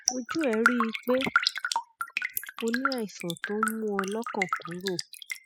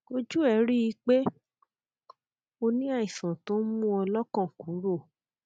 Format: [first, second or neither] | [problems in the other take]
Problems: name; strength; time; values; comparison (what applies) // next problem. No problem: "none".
second | noise reduction (classical method spectral subtraction)